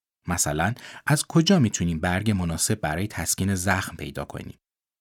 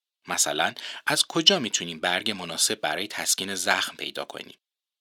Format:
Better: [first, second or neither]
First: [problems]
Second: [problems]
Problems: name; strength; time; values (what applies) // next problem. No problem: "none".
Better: first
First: none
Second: thin; somewhat; fading below 400 Hz